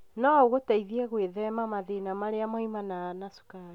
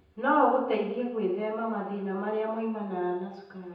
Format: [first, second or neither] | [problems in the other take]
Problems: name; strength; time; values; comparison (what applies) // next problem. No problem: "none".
first | room echo; dies away in 0.9 s